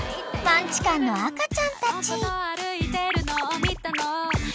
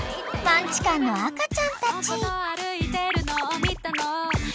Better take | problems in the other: first | background sound (Dog); 17 dB below the speech

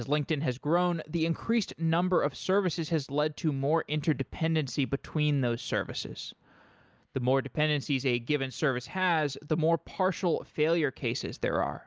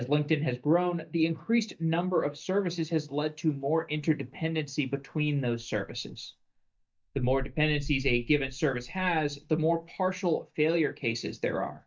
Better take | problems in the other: first | noise reduction (neural mask model DeepFilterNet 3)

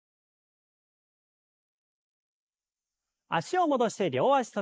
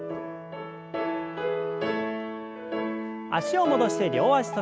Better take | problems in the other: second | noise reduction (neural mask model Resemble Enhance denoiser)

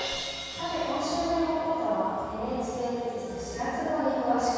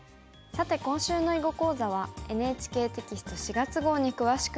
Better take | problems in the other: second | background sound (Crash cymbal); 12 dB below the speech // room echo; dies away in 2.2 s

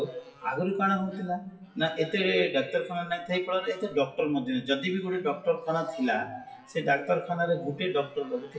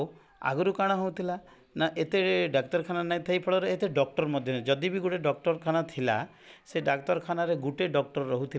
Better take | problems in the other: second | noise reduction (classical method WPE with log-MMSE)

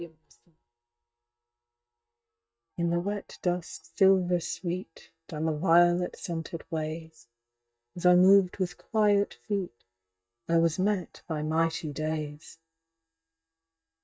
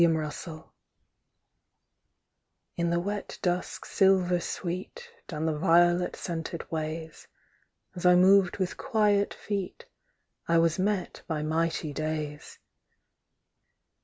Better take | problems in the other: second | noise reduction (neural mask model DeepFilterNet 3)

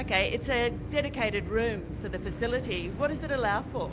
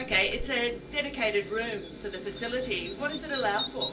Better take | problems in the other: first | background sound (Bird vocalization, bird call, bird song); 10 dB below the speech // room echo; dies away in 0.3 s

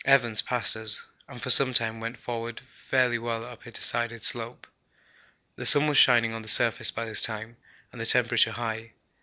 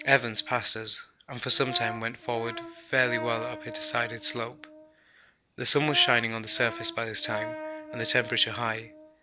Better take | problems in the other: first | background sound (Brass instrument); 11 dB below the speech

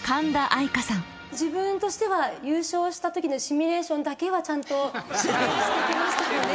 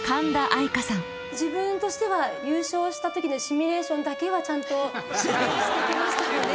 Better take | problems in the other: first | background sound (Bowed string instrument); 10 dB below the speech

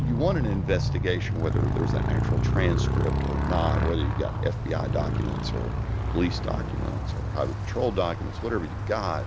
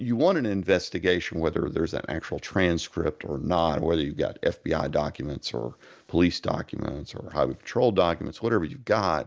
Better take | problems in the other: second | background sound (Motorcycle); 4 dB above the speech

